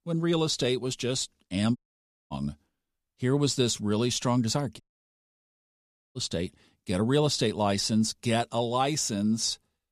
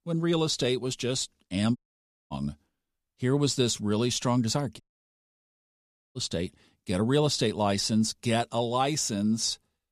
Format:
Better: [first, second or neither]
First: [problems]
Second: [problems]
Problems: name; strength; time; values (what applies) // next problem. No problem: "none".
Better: neither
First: audio cutting out; at 2 s for 0.5 s and at 5 s for 1.5 s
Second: audio cutting out; at 2 s for 0.5 s and at 5 s for 1.5 s